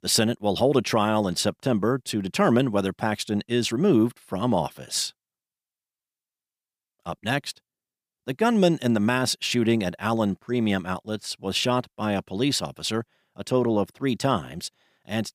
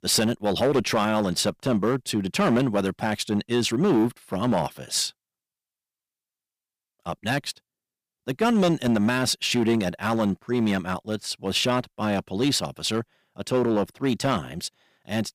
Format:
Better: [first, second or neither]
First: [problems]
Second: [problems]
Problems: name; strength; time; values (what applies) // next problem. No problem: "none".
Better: first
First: none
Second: distortion; slight; 5% of the sound clipped